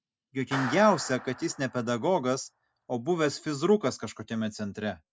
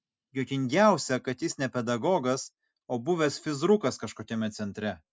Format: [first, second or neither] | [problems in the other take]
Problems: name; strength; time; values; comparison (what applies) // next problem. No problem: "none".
second | background sound (Clapping); 13 dB below the speech